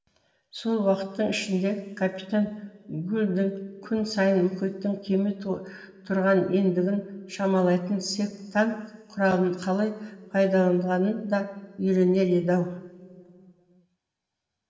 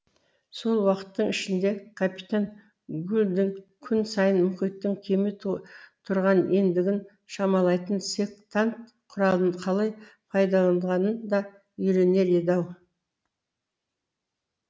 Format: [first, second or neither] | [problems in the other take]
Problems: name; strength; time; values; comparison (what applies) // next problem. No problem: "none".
second | room echo; dies away in 2.6 s